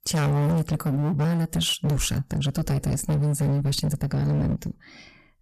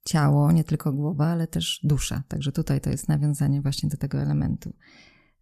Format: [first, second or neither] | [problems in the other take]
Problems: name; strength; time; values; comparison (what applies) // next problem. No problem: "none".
second | distortion; heavy; 27% of the sound clipped